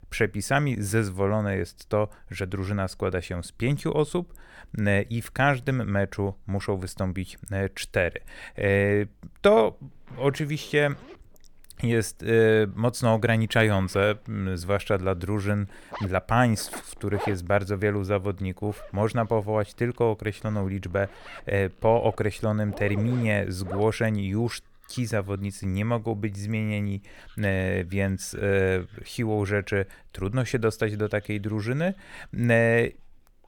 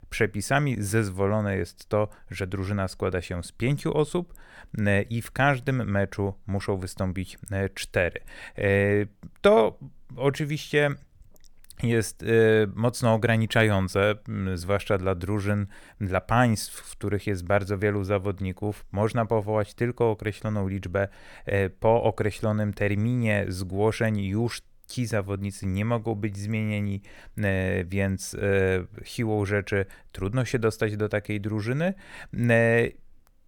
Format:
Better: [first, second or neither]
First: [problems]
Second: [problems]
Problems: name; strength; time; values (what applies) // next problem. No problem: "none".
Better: second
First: household noises; noticeable; throughout; 20 dB below the speech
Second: none